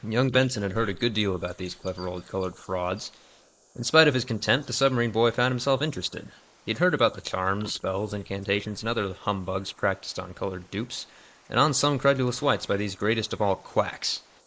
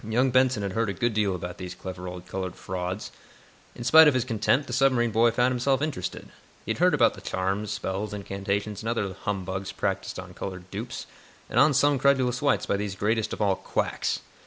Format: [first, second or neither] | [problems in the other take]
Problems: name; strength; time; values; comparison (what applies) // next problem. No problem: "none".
second | noise reduction (neural mask model Resemble Enhance denoiser)